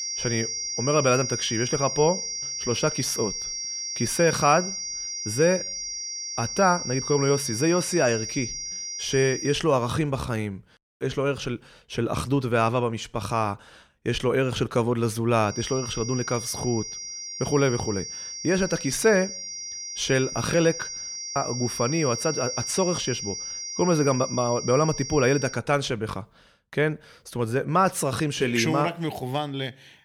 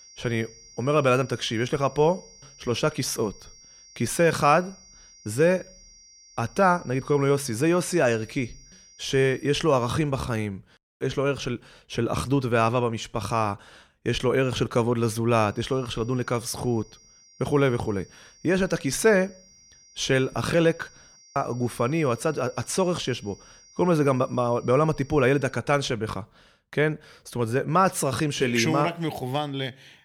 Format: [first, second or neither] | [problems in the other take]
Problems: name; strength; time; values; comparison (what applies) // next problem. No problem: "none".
second | high-pitched whine; loud; until 9.5 s and from 16 to 26 s; 5.5 kHz, 5 dB below the speech; faint in the second